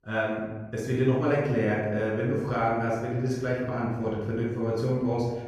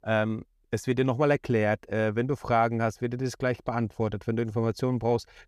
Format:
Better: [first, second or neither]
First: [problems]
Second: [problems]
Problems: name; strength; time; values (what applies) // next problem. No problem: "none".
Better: second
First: off-mic speech; far // room echo; noticeable; dies away in 1 s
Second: none